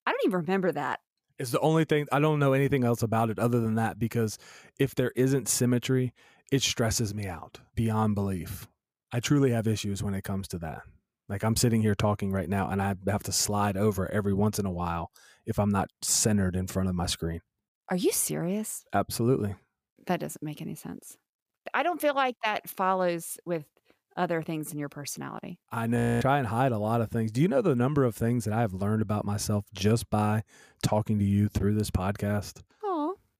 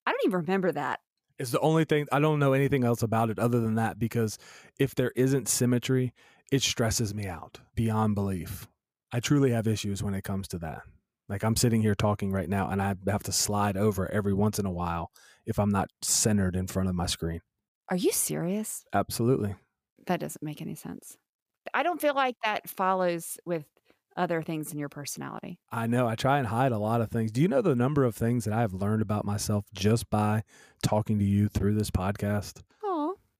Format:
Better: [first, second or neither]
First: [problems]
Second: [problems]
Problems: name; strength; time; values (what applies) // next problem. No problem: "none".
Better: second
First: audio freezing; at 26 s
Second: none